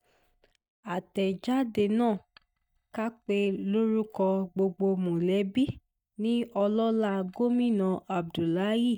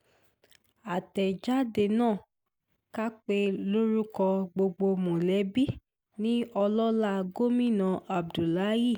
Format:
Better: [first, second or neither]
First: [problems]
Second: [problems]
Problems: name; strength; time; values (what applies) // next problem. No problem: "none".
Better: second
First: noise reduction (neural mask model DeepFilterNet 3)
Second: none